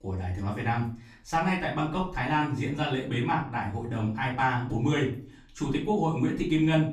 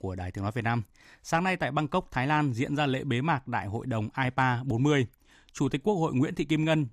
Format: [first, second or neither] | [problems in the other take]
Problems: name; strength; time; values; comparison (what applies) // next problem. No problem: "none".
second | room echo; slight; dies away in 0.4 s // off-mic speech; far